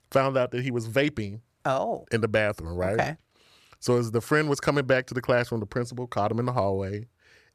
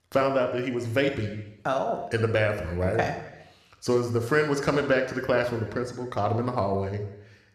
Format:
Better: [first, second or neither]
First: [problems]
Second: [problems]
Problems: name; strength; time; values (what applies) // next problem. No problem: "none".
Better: first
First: none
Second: room echo; slight; dies away in 1 s